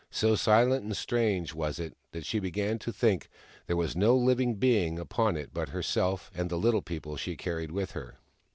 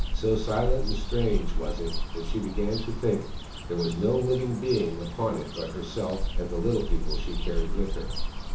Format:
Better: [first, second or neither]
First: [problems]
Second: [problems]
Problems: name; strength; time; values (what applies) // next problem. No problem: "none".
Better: first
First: none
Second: background sound (Cricket / Bird); 1 dB above the speech // room echo; dies away in 0.8 s